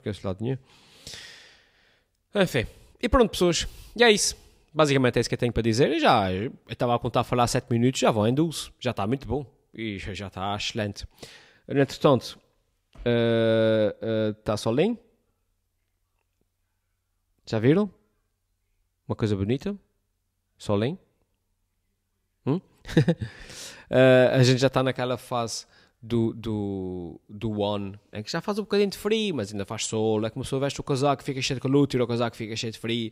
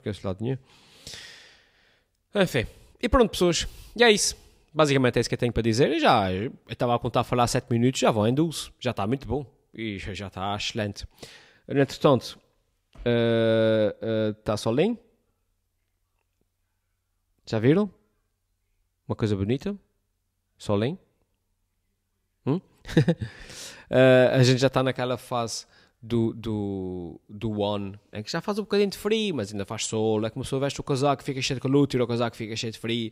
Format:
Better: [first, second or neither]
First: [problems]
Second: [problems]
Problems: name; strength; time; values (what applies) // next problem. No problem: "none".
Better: neither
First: none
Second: none